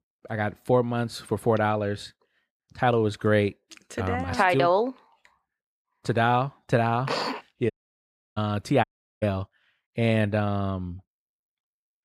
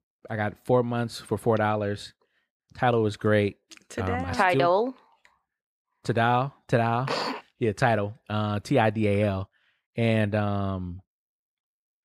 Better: second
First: audio cutting out; at 7.5 s for 0.5 s and at 9 s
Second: none

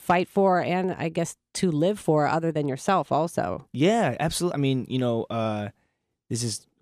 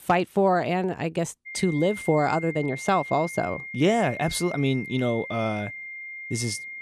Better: first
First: none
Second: high-pitched whine; noticeable; from 1.5 s on; 2 kHz, 10 dB below the speech

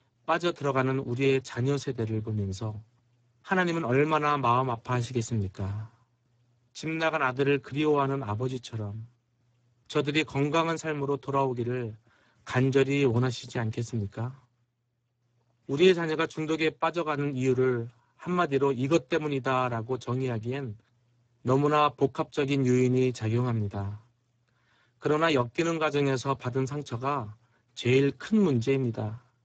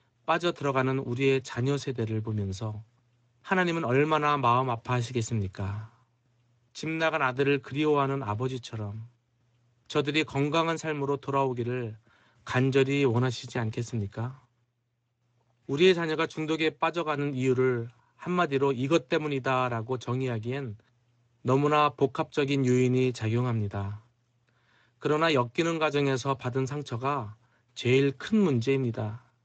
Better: second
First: garbled, watery; badly; nothing above 7.5 kHz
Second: garbled, watery; slightly; nothing above 7.5 kHz

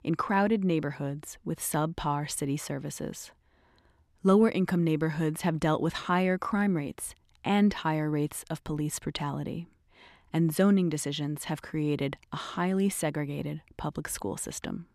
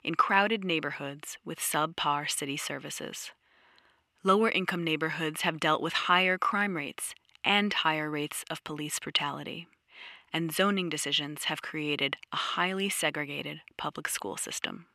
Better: first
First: none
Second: thin; somewhat; fading below 500 Hz

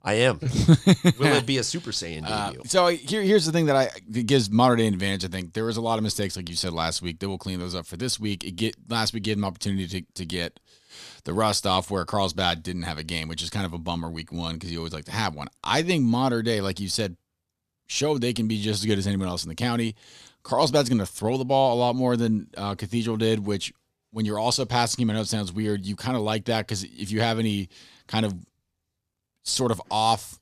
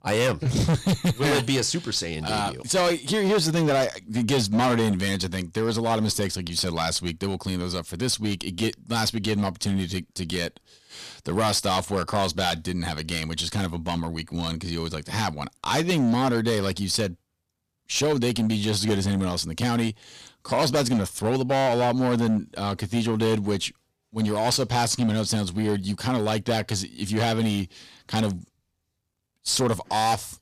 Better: first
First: none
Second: distortion; heavy; 9% of the sound clipped

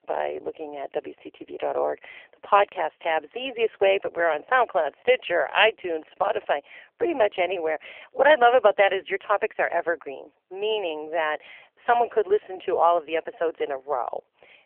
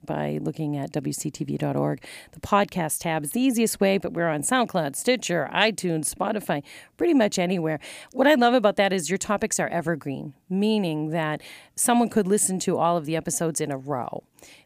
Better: second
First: phone-call audio; poor line; nothing above 3 kHz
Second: none

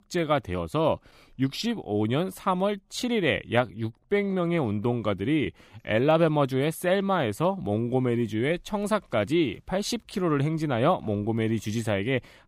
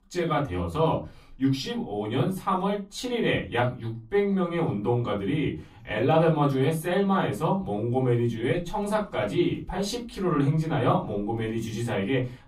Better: first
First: none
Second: off-mic speech; far // room echo; very slight; dies away in 0.3 s

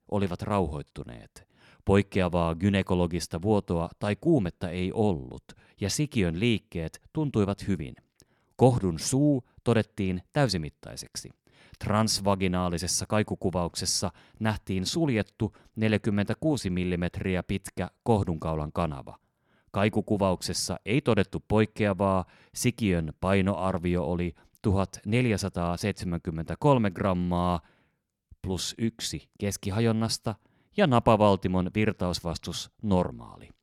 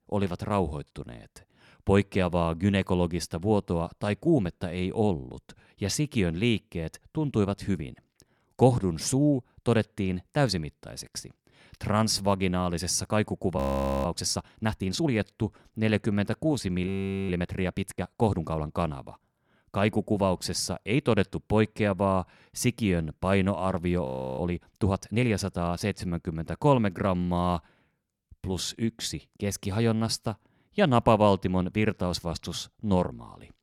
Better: first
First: none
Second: audio freezing; at 14 s, at 17 s and at 24 s

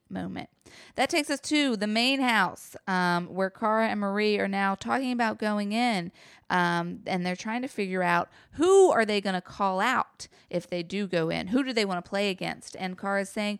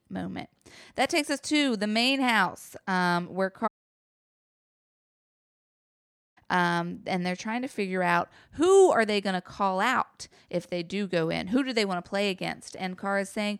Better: first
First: none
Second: audio cutting out; at 3.5 s for 2.5 s

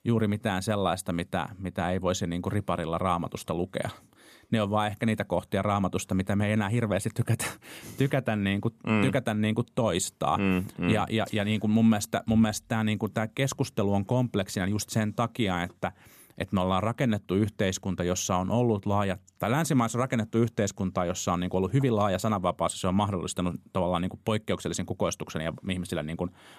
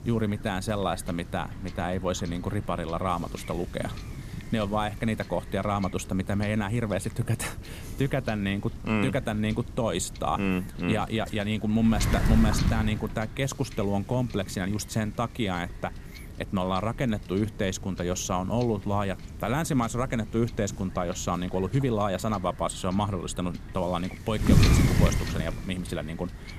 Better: first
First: none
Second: wind noise on the microphone; heavy; 10 dB below the speech

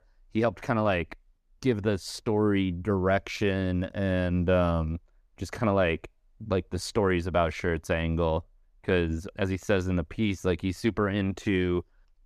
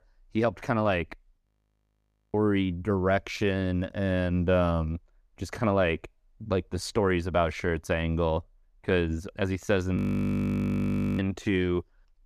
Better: first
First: none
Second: audio freezing; at 1.5 s for 1 s and at 10 s for 1 s

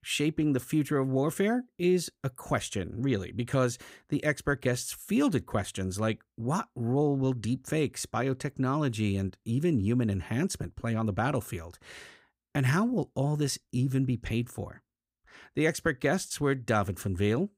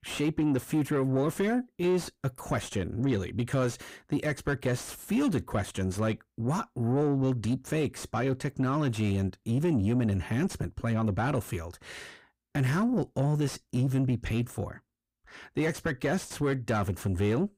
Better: first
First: none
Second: distortion; slight; 10 dB below the speech

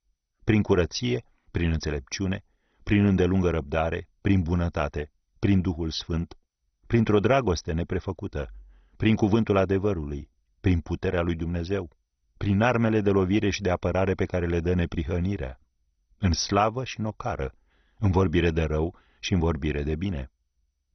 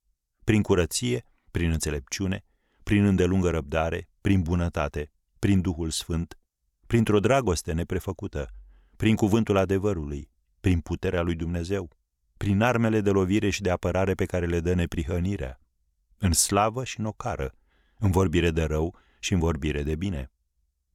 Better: second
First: garbled, watery; badly; nothing above 6 kHz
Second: none

